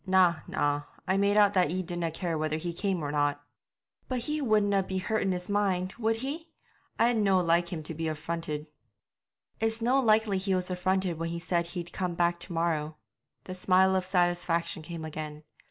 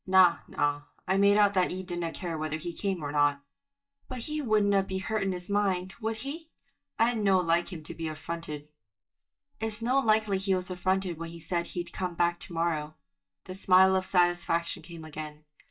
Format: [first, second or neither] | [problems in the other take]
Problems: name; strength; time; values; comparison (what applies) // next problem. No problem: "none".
first | noise reduction (neural mask model DeepFilterNet 3)